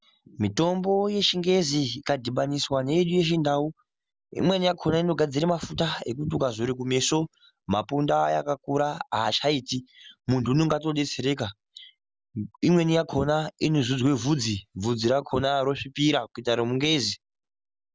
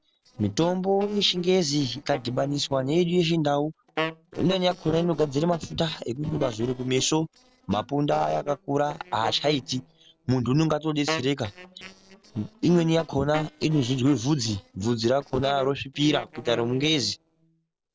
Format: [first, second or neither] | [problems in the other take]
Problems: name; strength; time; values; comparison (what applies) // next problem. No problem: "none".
first | noise reduction (neural separator model SepFormer DNS4)